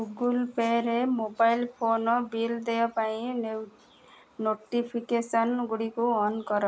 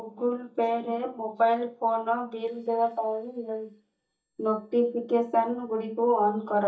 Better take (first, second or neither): first